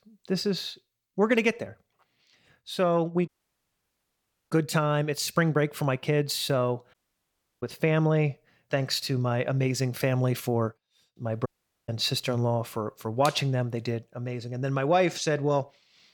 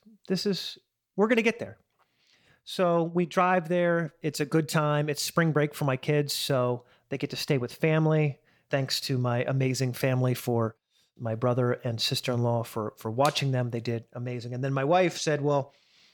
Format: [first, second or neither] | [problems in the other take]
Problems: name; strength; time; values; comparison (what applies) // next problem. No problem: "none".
second | audio cutting out; at 3.5 s for 1 s, at 7 s for 0.5 s and at 11 s